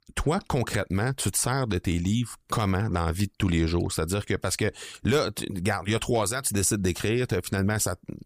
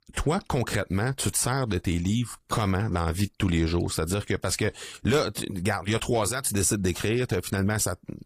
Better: first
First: none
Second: garbled, watery; slightly; nothing above 15 kHz

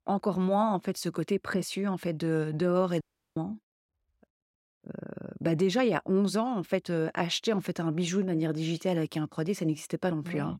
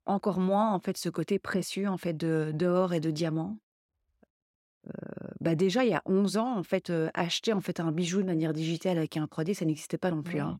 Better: second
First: audio cutting out; at 3 s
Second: none

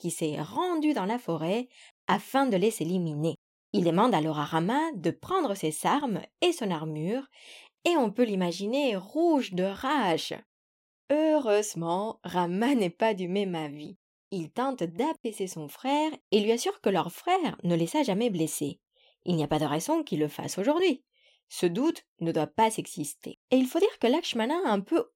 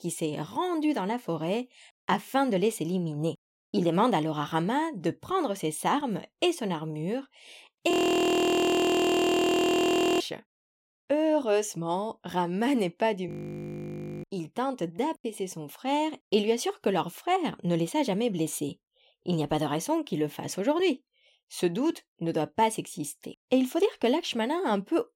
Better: first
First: none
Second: audio freezing; at 8 s for 2.5 s and at 13 s for 1 s

